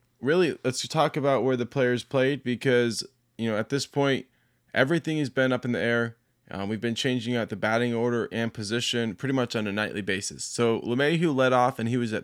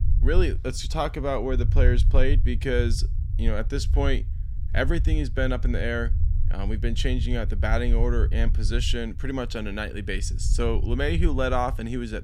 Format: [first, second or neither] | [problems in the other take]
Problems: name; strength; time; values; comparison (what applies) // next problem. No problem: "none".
first | low rumble; noticeable; throughout; 15 dB below the speech